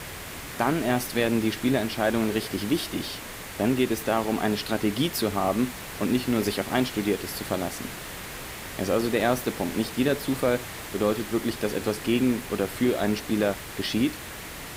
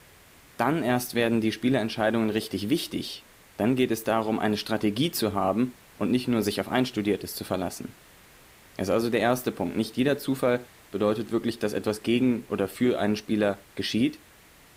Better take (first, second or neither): second